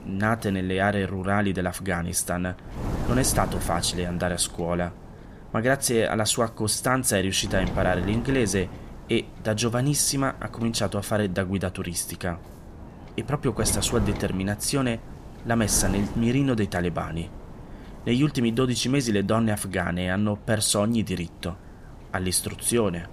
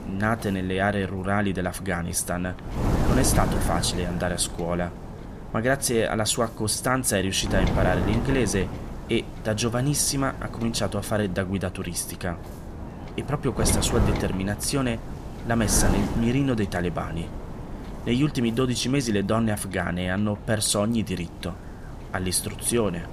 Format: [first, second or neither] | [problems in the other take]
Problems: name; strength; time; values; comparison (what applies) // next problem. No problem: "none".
first | wind noise on the microphone; heavy; 10 dB below the speech; occasional gusts in the first